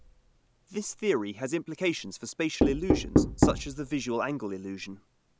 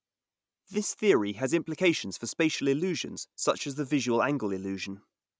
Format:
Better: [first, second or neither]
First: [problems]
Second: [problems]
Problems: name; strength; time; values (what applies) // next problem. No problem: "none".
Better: second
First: background sound (Knock); 2 dB above the speech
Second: none